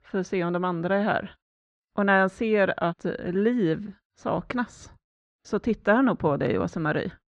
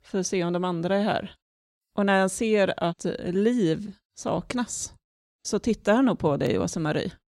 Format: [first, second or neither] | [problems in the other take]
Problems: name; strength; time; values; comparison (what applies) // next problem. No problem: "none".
second | muffled; very; fading above 2.5 kHz